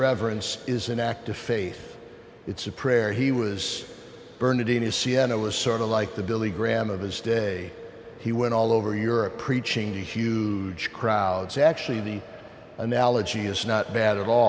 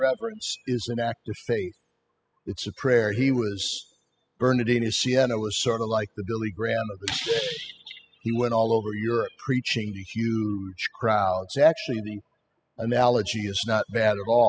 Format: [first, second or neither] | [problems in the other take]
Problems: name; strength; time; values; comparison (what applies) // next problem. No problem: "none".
first | noise reduction (classical method spectral subtraction)